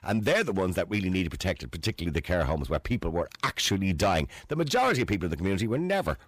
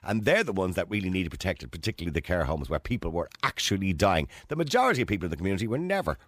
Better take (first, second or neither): second